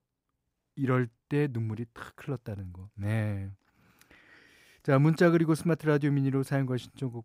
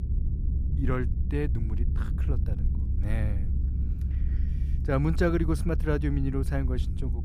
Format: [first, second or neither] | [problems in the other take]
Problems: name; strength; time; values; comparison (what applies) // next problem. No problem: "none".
first | low rumble; noticeable; throughout; 10 dB below the speech